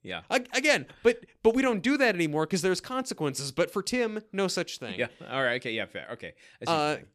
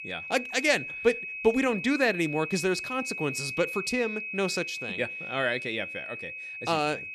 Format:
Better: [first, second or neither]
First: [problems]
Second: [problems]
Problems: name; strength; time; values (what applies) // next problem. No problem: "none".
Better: first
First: none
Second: high-pitched whine; loud; throughout; 2.5 kHz, 6 dB below the speech